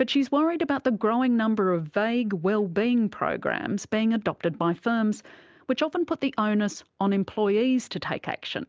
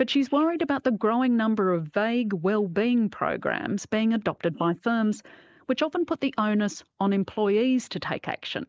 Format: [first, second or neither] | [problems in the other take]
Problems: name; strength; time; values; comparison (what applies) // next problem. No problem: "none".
first | noise reduction (neural mask model Resemble Enhance denoiser)